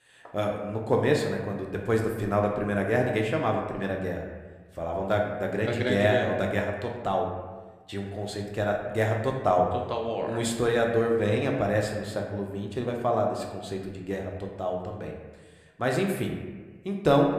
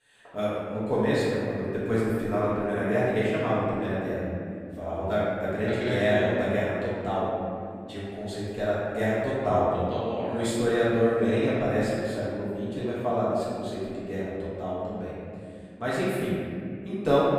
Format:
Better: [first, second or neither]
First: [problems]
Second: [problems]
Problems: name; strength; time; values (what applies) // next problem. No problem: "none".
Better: first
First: room echo; slight; dies away in 1.1 s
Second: room echo; strong; dies away in 2.8 s // off-mic speech; far